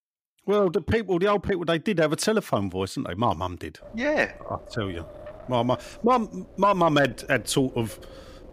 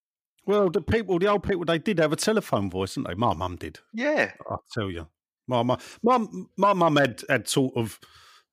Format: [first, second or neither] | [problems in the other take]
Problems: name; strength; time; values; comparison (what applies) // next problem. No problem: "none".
second | wind noise on the microphone; occasional gusts; from 4 s on; 20 dB below the speech